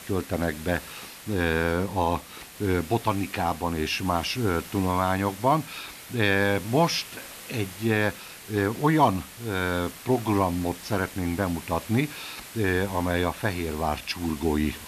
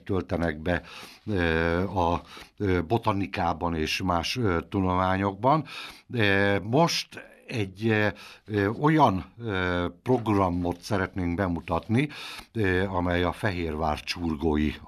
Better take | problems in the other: second | hiss; noticeable; throughout; 15 dB below the speech

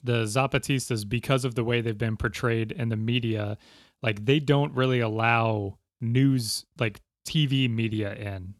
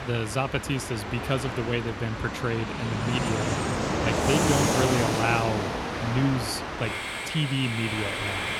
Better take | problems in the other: first | train or aircraft noise; very loud; throughout; as loud as the speech

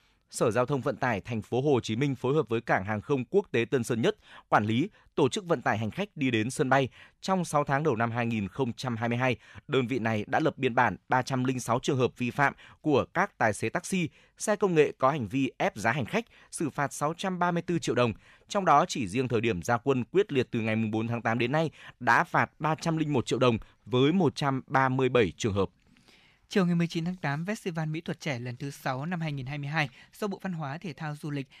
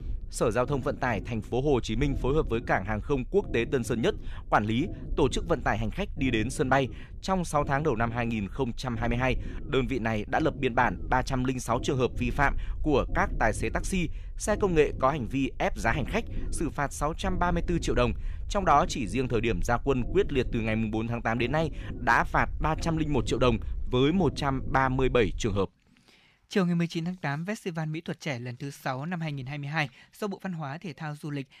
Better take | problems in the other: first | low rumble; faint; until 26 s; 20 dB below the speech

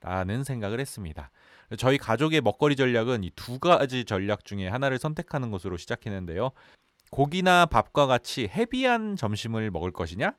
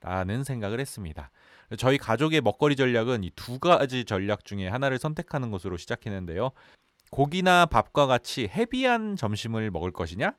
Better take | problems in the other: neither | none

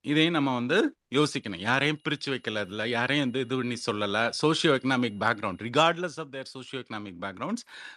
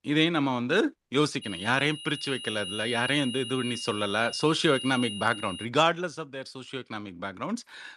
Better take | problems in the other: first | high-pitched whine; loud; from 1.5 to 5.5 s; 3 kHz, 9 dB below the speech; faint in the first

